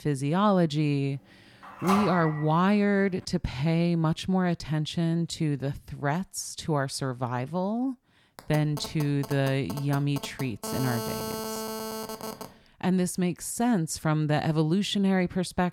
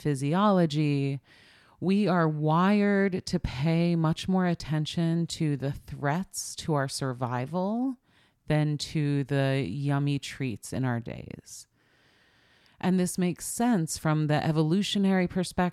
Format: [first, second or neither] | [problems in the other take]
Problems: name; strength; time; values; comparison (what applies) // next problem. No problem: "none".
second | phone ringing; noticeable; at 2 s and from 8.5 to 13 s; peak 2 dB below the speech